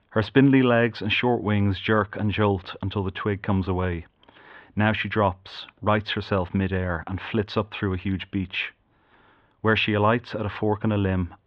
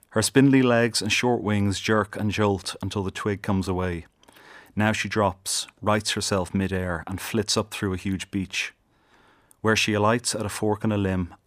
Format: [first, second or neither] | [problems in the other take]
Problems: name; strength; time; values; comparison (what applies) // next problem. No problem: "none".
second | muffled; very; fading above 3.5 kHz